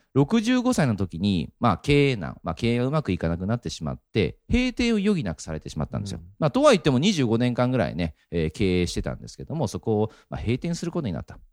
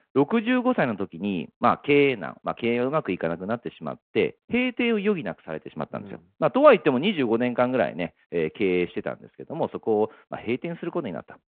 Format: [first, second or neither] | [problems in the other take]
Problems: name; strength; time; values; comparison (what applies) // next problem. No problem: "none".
first | phone-call audio